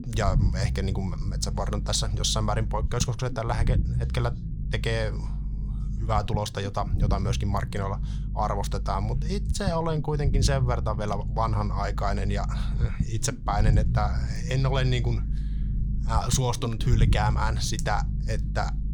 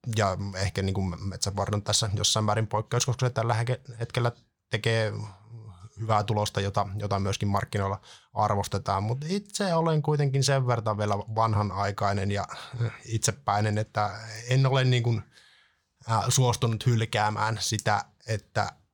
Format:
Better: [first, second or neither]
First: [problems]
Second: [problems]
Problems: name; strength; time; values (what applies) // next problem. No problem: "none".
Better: second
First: low rumble; noticeable; throughout; 15 dB below the speech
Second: none